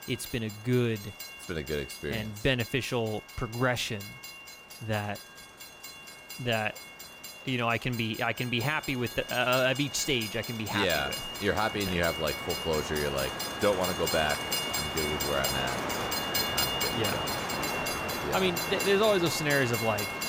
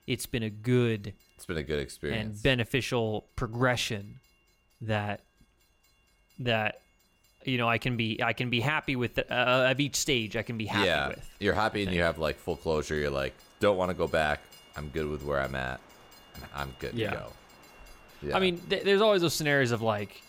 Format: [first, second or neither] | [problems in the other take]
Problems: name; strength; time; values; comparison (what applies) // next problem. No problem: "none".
second | train or aircraft noise; loud; throughout; 3 dB below the speech; faint in the second